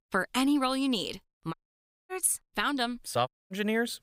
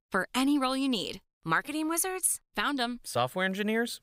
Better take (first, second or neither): second